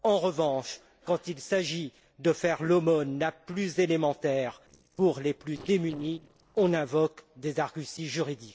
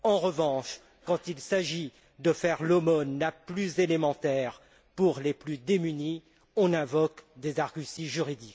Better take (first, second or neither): second